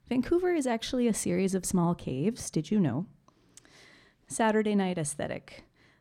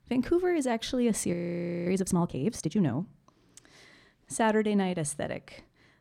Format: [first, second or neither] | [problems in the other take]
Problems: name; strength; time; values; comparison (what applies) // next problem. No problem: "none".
first | audio freezing; at 1.5 s for 0.5 s